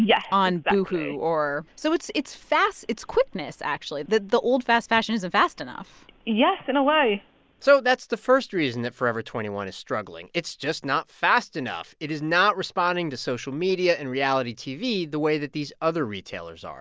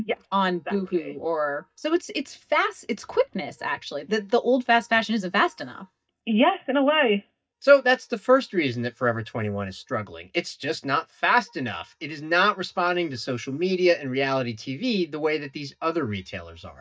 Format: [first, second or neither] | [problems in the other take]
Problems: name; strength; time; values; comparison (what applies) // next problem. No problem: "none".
first | noise reduction (neural mask model DeepFilterNet 3)